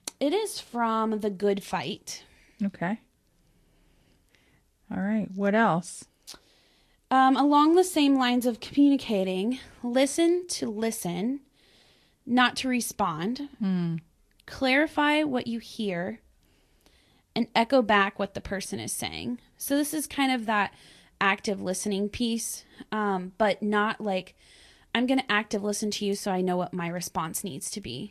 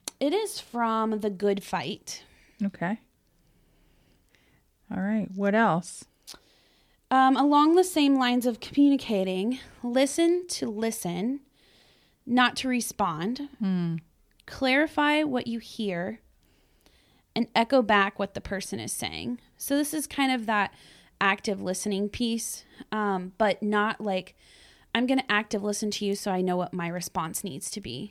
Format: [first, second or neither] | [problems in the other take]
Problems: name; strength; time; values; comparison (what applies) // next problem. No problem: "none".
second | garbled, watery; slightly; nothing above 12.5 kHz